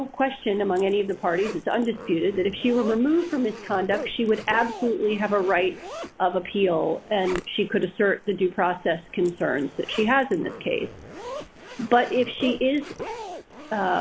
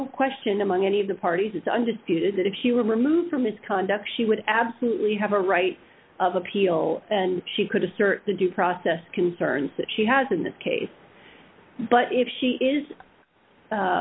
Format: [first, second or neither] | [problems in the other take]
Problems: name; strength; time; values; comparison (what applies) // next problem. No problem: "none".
second | background sound (Zipper (clothing)); 15 dB below the speech